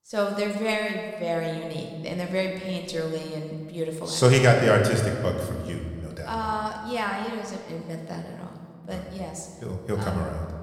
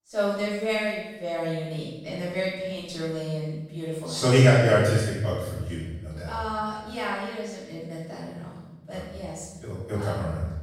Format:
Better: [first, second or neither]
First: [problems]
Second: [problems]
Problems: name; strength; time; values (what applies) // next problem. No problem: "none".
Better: first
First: room echo; slight; dies away in 1.6 s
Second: room echo; strong; dies away in 1.1 s // off-mic speech; far